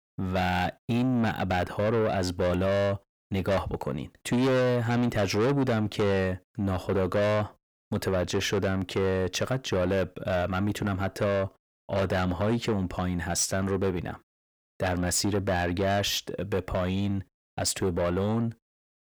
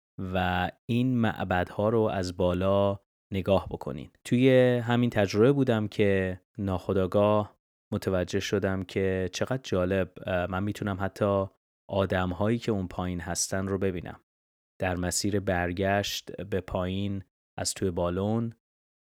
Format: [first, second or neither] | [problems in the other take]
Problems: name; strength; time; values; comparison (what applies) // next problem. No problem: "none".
second | distortion; heavy; 6 dB below the speech